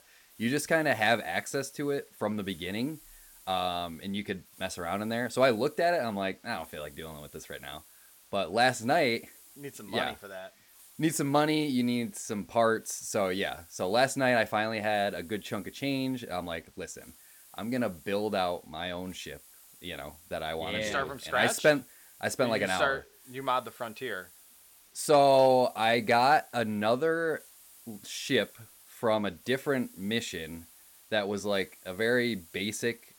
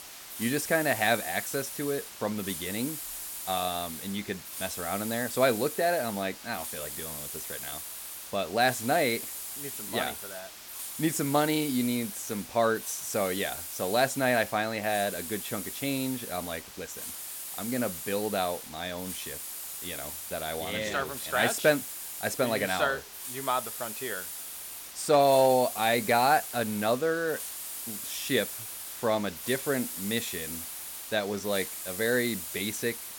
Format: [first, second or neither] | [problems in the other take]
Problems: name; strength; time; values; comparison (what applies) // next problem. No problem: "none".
first | hiss; loud; throughout; 7 dB below the speech; faint in the first